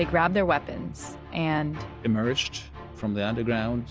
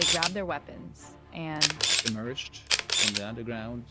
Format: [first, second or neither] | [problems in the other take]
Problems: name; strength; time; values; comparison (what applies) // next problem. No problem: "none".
first | background sound (Camera); 5 dB above the speech